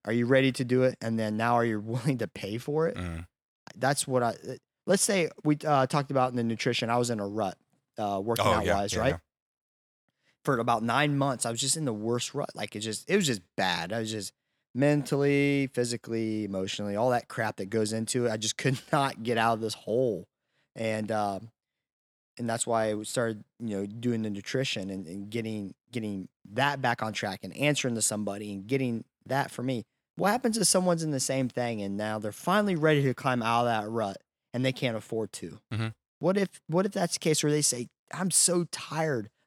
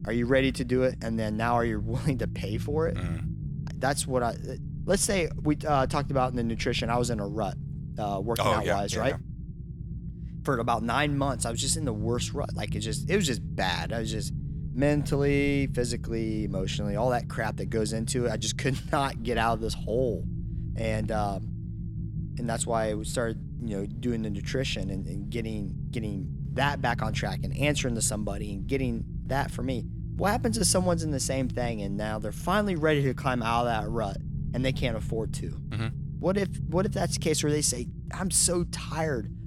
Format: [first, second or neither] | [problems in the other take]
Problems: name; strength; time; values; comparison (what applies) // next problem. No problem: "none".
first | low rumble; noticeable; throughout; 15 dB below the speech